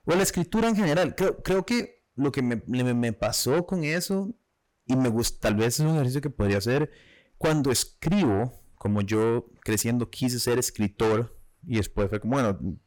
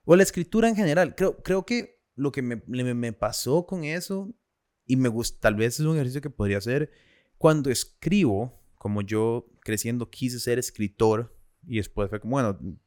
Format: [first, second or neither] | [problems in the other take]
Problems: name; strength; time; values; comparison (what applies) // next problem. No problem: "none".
second | distortion; heavy; 6 dB below the speech